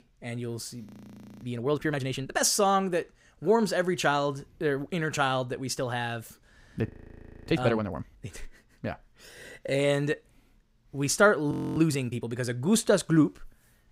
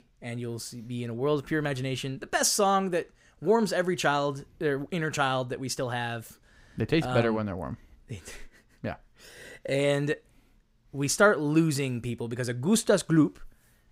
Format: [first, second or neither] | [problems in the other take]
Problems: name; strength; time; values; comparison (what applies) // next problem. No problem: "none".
second | audio freezing; at 1 s for 0.5 s, at 7 s for 0.5 s and at 12 s